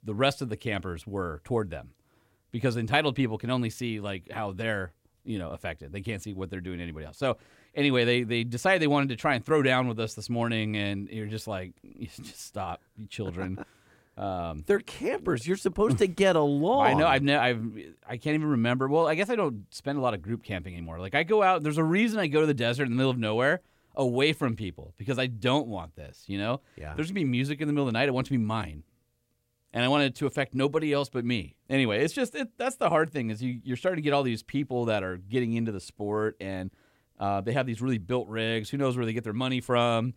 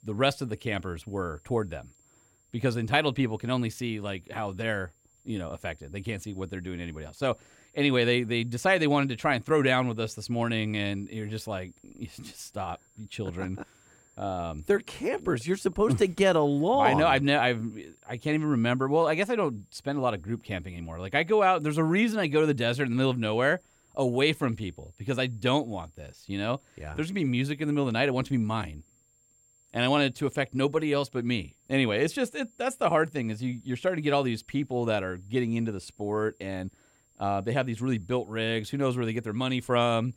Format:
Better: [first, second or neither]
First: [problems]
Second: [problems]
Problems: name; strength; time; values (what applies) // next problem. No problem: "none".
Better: first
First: none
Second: high-pitched whine; faint; throughout; 7.5 kHz, 35 dB below the speech